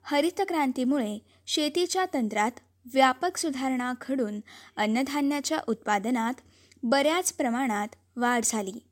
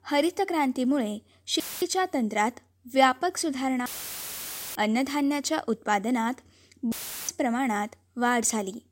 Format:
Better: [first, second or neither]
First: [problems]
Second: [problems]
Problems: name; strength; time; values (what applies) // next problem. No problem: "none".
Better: first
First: none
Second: audio cutting out; filled with static; at 1.5 s, at 4 s for 1 s and at 7 s